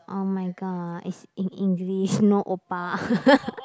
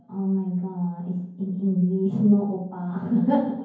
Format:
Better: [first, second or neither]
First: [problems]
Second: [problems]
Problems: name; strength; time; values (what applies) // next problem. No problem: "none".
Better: first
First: none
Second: room echo; dies away in 0.9 s